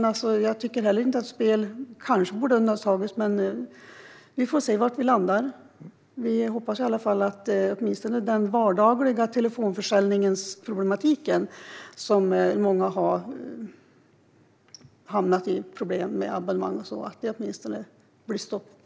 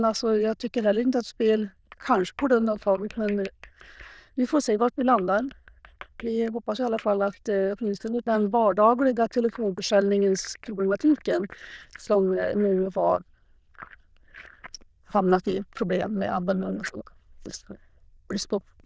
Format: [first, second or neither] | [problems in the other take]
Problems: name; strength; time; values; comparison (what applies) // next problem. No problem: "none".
first | noise reduction (neural diffusion model UNIVERSE++)